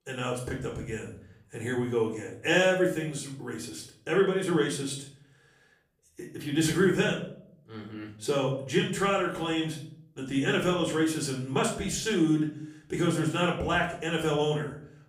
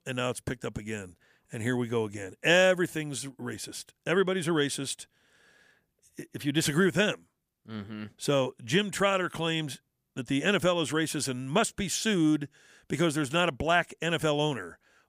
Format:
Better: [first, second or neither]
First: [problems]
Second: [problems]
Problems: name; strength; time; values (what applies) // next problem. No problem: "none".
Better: second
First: off-mic speech; somewhat distant // room echo; slight; dies away in 0.5 s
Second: none